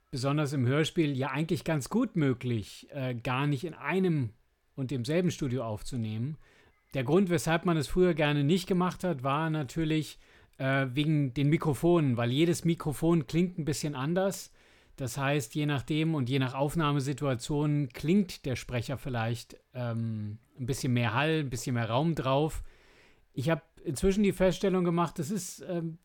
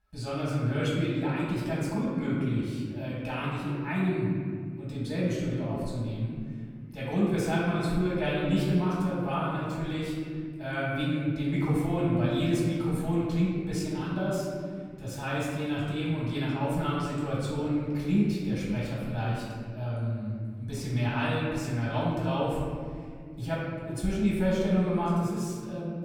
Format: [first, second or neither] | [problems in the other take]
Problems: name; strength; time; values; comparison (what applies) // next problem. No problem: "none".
first | off-mic speech; far // room echo; noticeable; dies away in 2.1 s